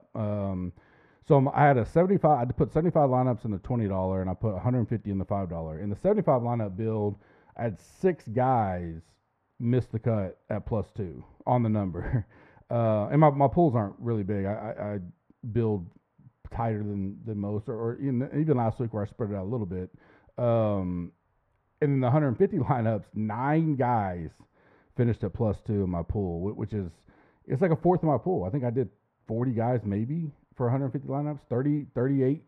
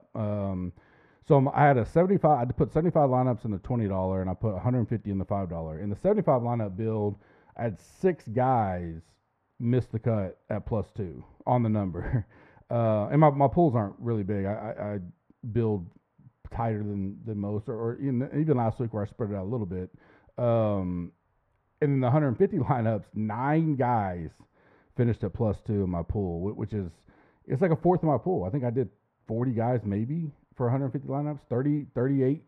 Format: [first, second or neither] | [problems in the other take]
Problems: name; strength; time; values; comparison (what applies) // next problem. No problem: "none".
neither | muffled; very; fading above 2.5 kHz; the same in both